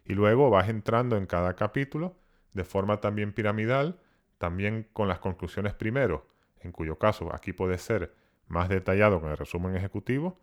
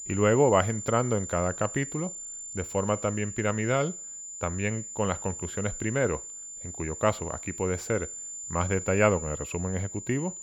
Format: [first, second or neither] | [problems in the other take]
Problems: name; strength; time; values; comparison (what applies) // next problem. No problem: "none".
first | high-pitched whine; loud; throughout; 7 kHz, 8 dB below the speech